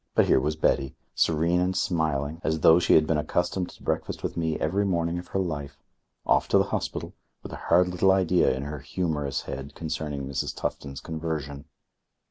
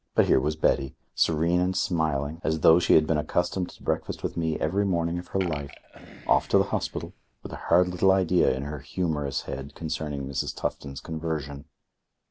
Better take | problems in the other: first | background sound (Burping, eructation); 19 dB below the speech

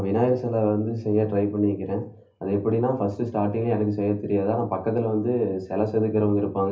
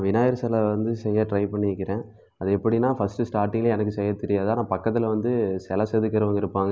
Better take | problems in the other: second | room echo; dies away in 0.3 s

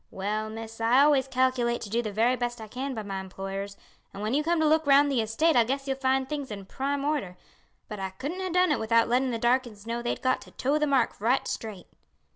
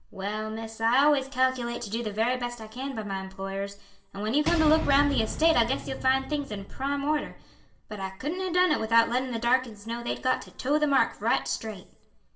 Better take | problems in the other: first | background sound (Shatter / Boom); 8 dB below the speech // room echo; dies away in 0.5 s

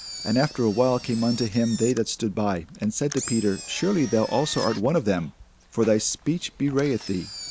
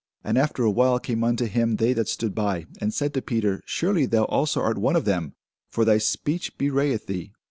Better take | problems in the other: second | background sound (Engine); 15 dB below the speech

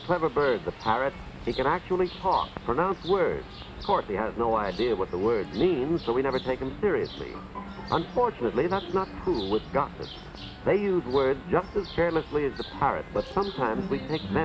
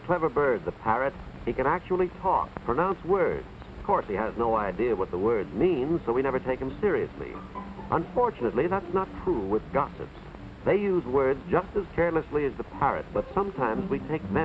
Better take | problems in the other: second | background sound (Chirp, tweet); 19 dB below the speech

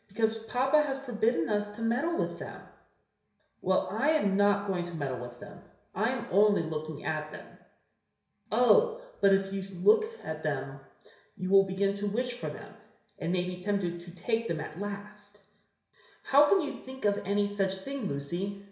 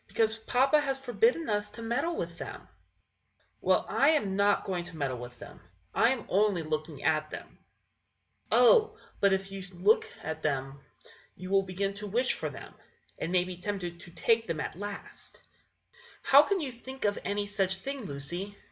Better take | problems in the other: second | room echo; dies away in 0.7 s

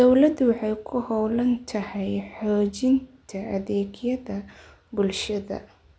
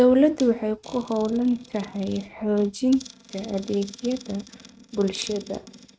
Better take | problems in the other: first | noise reduction (neural mask model RNNoise)

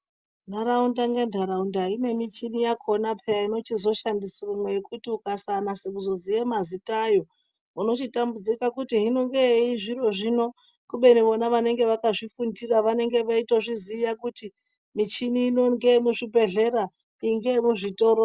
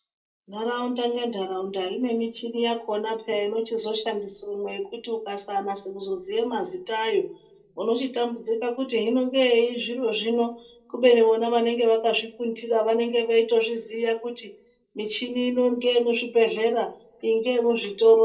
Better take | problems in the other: first | room echo; dies away in 0.2 s

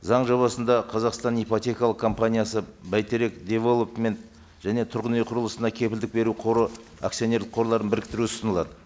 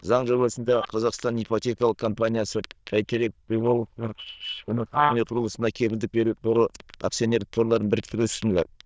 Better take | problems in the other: first | noise reduction (neural diffusion model UNIVERSE++)

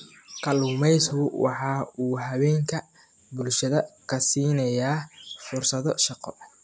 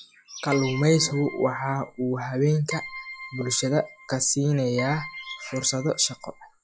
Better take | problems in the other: first | noise reduction (classical method log-MMSE)

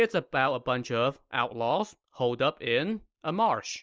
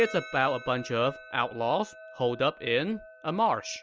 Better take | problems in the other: first | background sound (Percussion); 16 dB below the speech

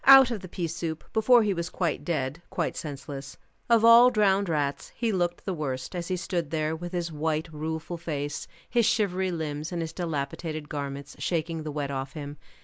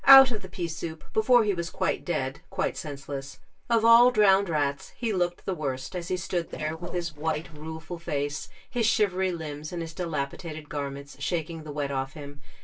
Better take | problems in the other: first | noise reduction (neural separator model SepFormer DNS4)

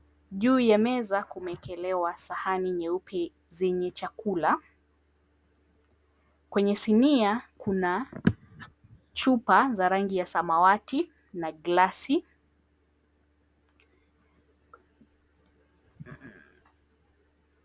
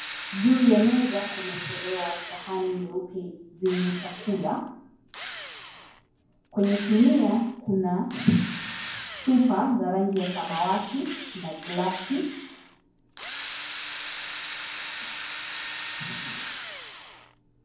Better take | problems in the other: first | background sound (Drill); 11 dB below the speech // room echo; dies away in 0.9 s

